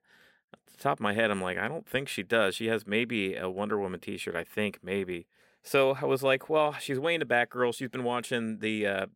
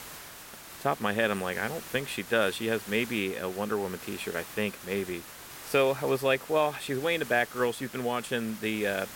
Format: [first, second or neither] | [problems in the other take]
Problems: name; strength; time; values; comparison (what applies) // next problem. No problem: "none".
first | hiss; noticeable; throughout; 15 dB below the speech